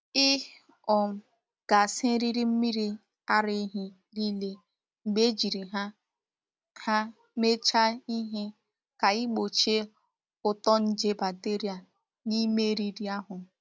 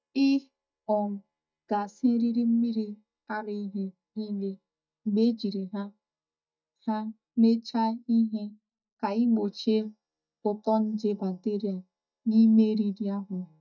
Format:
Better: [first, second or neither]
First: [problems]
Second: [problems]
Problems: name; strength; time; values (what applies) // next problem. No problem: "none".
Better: first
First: none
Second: noise reduction (neural mask model DeepFilterNet 3)